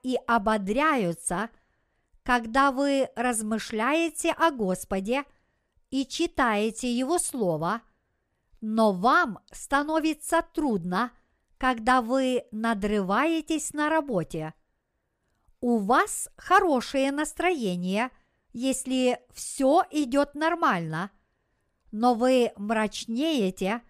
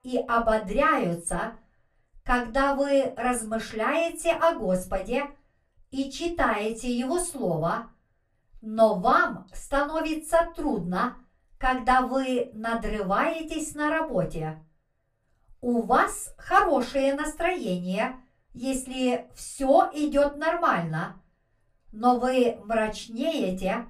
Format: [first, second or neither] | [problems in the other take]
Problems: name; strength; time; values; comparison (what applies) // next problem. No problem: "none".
first | off-mic speech; far // room echo; very slight; dies away in 0.2 s